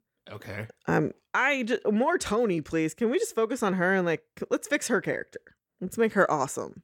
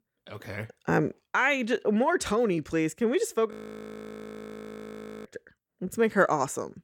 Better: first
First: none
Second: audio freezing; at 3.5 s for 1.5 s

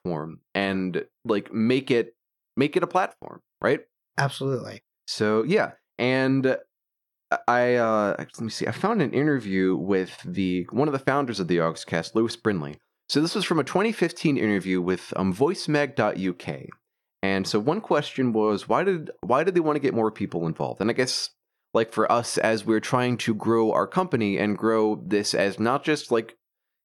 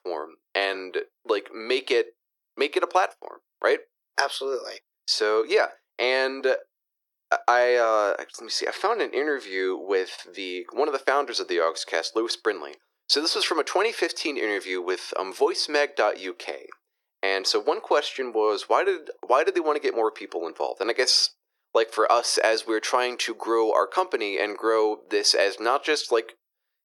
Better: first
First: none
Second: thin; very; fading below 350 Hz

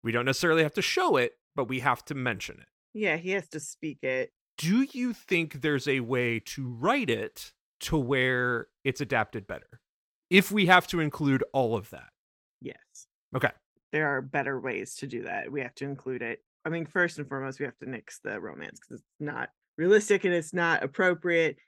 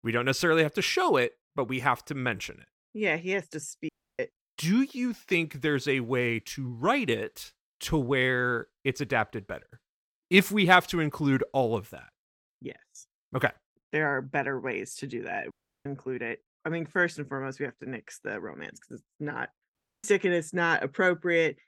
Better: first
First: none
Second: audio cutting out; at 4 s, at 16 s and at 20 s

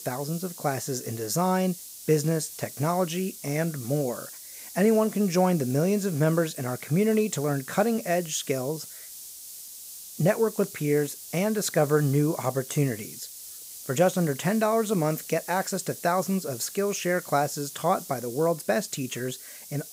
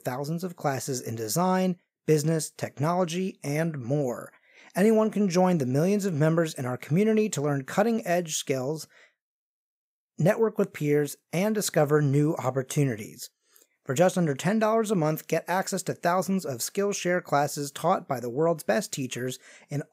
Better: second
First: hiss; noticeable; throughout; 15 dB below the speech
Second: none

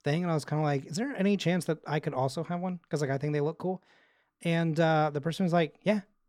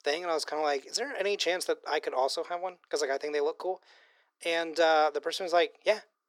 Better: first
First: none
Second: thin; very; fading below 400 Hz

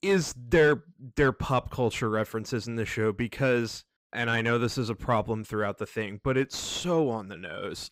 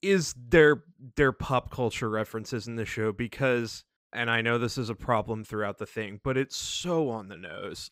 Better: second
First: distortion; slight; 10 dB below the speech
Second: none

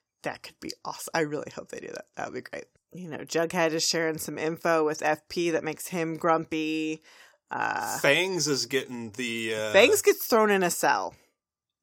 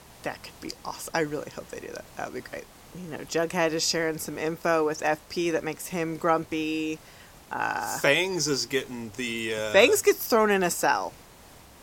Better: first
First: none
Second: hiss; faint; throughout; 25 dB below the speech

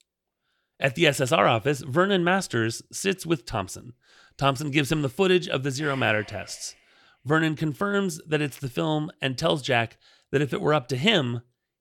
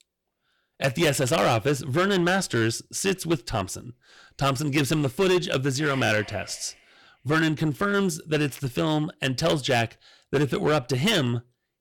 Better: first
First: none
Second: distortion; heavy; 8% of the sound clipped

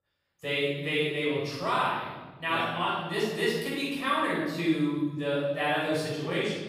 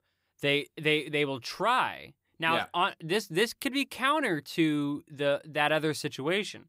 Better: second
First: off-mic speech; far // room echo; strong; dies away in 1.4 s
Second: none

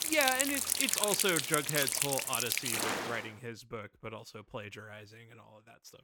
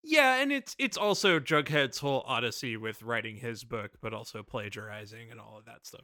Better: second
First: rain or running water; very loud; until 3 s; 4 dB above the speech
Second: none

